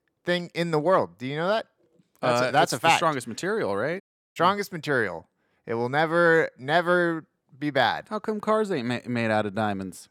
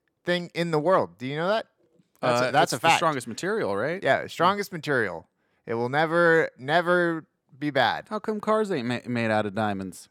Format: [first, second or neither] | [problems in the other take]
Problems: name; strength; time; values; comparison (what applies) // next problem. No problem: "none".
second | audio cutting out; at 4 s